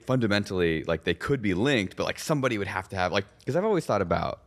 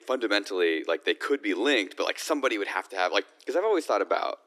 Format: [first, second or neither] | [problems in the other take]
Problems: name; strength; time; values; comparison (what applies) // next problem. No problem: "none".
first | thin; somewhat; fading below 300 Hz